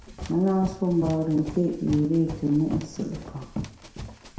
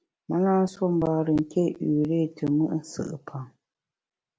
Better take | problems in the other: second | background sound (Run); 11 dB below the speech // room echo; dies away in 0.6 s

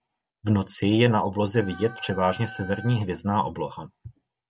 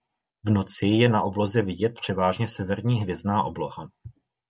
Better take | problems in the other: second | background sound (Wind instrument, woodwind instrument); 16 dB below the speech

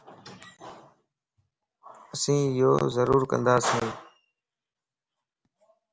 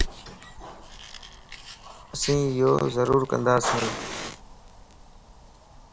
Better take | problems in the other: first | background sound (Fire + Wind); 10 dB below the speech

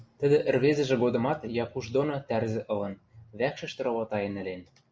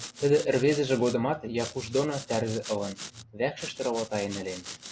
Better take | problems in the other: first | background sound (Domestic sounds, home sounds); 14 dB below the speech

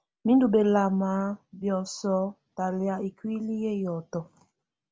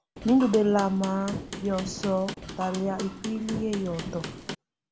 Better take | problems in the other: first | background sound (Hammer / Wood); 10 dB below the speech

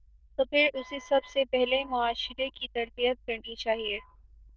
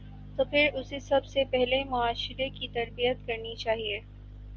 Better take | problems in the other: second | noise reduction (neural diffusion model UNIVERSE++)

